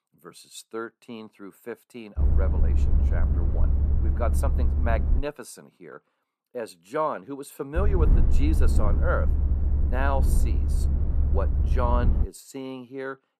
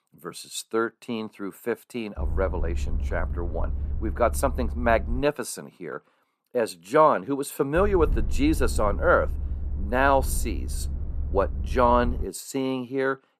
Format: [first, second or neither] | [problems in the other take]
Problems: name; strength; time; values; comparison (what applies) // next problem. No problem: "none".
second | low rumble; loud; from 2 to 5 s and from 8 to 12 s; 8 dB below the speech; faint in the second